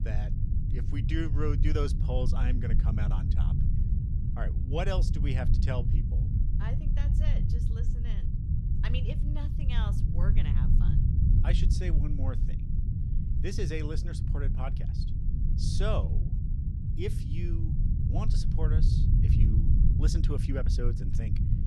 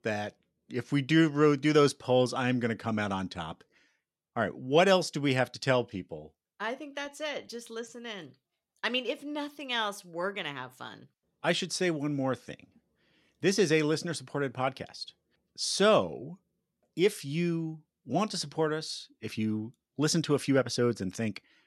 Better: second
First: low rumble; loud; throughout; 3 dB below the speech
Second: none

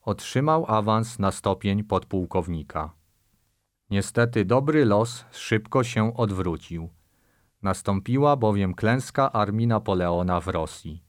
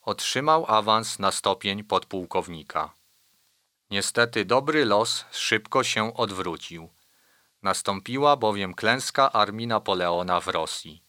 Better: first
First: none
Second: thin; somewhat; fading below 950 Hz

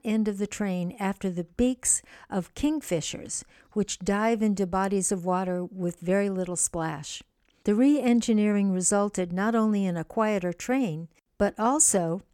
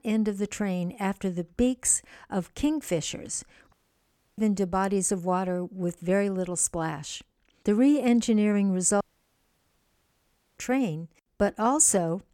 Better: first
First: none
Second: audio cutting out; at 3.5 s for 0.5 s and at 9 s for 1.5 s

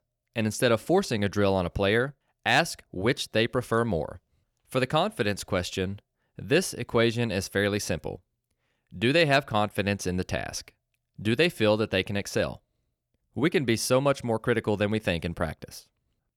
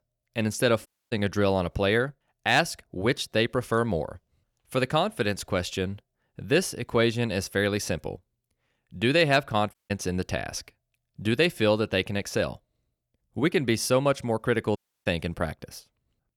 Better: first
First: none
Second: audio cutting out; at 1 s, at 9.5 s and at 15 s

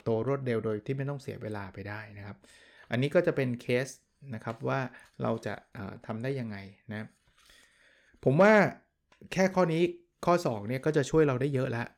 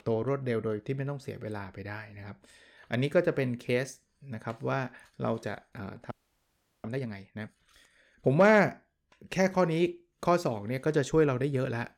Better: first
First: none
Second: audio freezing; at 6 s for 0.5 s

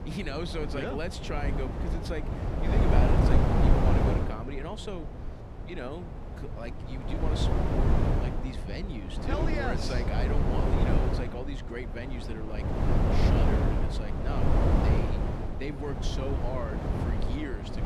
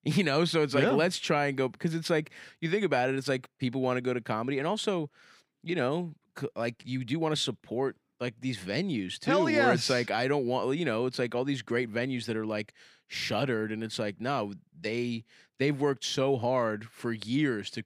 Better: second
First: wind noise on the microphone; heavy; 3 dB above the speech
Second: none

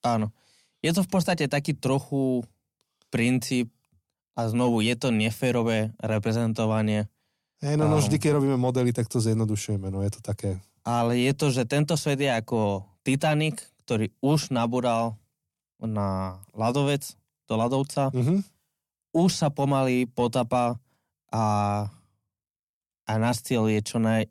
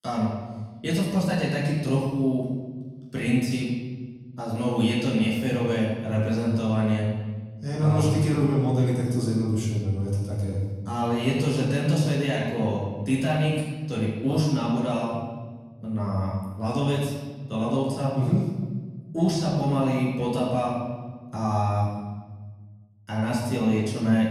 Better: first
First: none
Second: off-mic speech; far // room echo; noticeable; dies away in 1.4 s

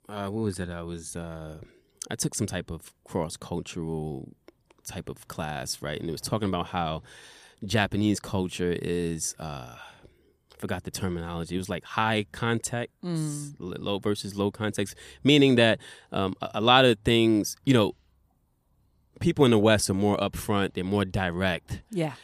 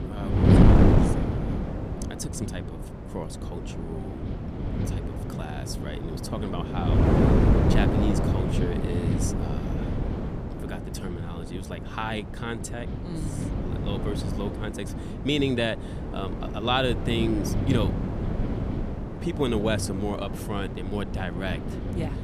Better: first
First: none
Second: wind noise on the microphone; heavy; 1 dB below the speech

